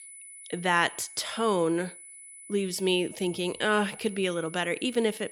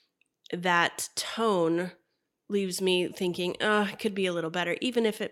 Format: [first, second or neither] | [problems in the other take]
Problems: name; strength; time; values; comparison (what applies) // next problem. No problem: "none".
second | high-pitched whine; noticeable; throughout; 10 kHz, 15 dB below the speech